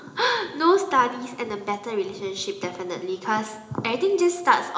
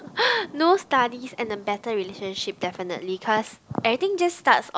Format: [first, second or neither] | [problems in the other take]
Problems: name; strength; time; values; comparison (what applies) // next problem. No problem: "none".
second | room echo; dies away in 0.8 s